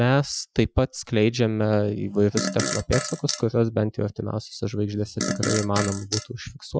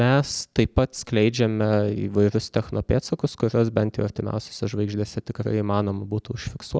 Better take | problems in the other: second | noise reduction (classical method Wiener filter)

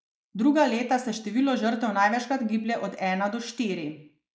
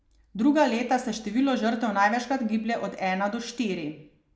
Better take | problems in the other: second | noise reduction (neural mask model Resemble Enhance denoiser)

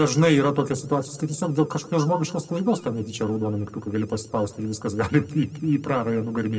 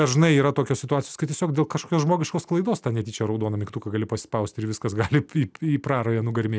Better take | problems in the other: second | noise reduction (neural separator model SepFormer DNS4)

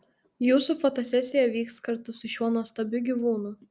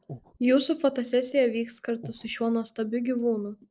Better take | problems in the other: first | noise reduction (neural separator model SepFormer DNS4)

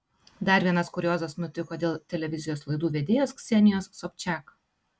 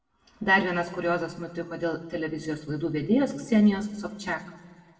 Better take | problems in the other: first | room echo; dies away in 1.4 s

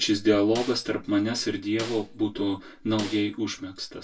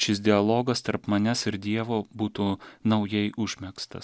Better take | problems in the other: second | background sound (Snare drum); 17 dB below the speech // room echo; dies away in 0.2 s

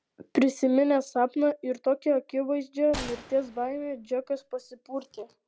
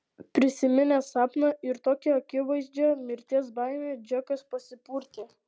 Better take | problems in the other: second | background sound (Gunshot, gunfire); 15 dB below the speech

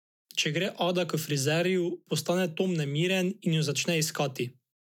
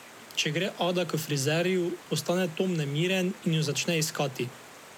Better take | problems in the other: first | background sound (Stream); 19 dB below the speech

